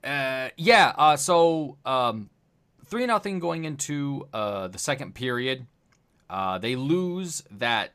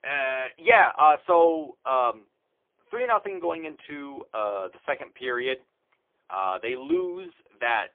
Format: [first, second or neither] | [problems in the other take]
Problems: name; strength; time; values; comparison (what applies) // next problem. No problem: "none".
first | phone-call audio; poor line; nothing above 3.5 kHz